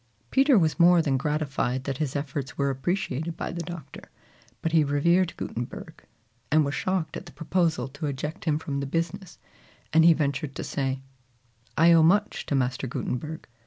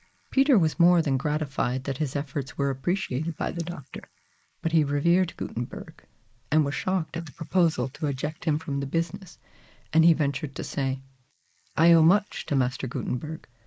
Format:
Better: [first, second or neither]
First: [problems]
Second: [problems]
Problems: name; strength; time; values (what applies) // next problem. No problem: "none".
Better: first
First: none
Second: noise reduction (neural mask model Resemble Enhance denoiser)